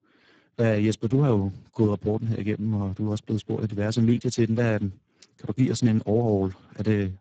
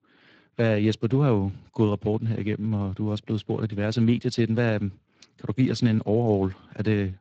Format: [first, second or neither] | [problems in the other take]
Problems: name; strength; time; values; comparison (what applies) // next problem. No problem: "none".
second | garbled, watery; badly; nothing above 8 kHz; slightly in the second